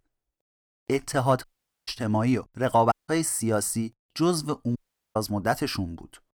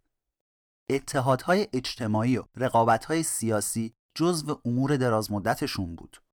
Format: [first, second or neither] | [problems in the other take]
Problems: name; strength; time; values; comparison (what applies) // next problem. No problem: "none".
second | audio cutting out; at 1.5 s, at 3 s and at 5 s